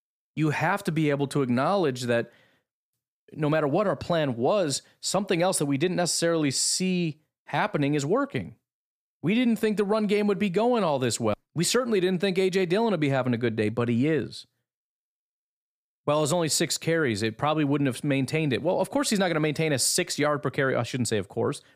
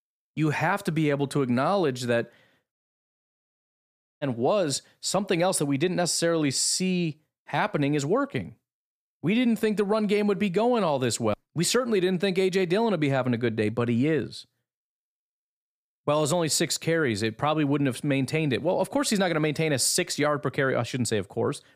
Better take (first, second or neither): first